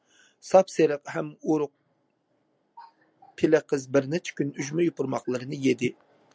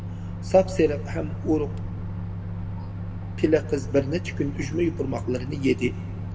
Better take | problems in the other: first | background sound (Microwave oven); 5 dB below the speech // room echo; dies away in 1 s

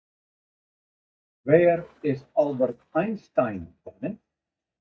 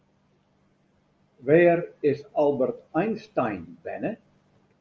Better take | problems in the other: second | noise reduction (neural mask model DeepFilterNet 3)

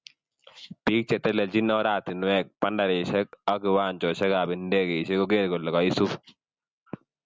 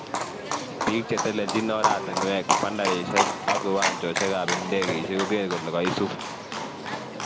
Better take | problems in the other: first | background sound (Livestock, farm animals, working animals); as loud as the speech

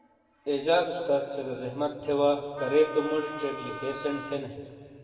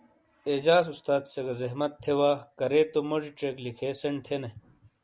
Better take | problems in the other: second | background sound (Wind instrument, woodwind instrument); 11 dB below the speech // room echo; dies away in 1.9 s

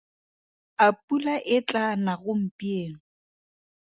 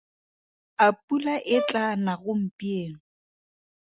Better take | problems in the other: first | background sound (Brass instrument); 9 dB below the speech

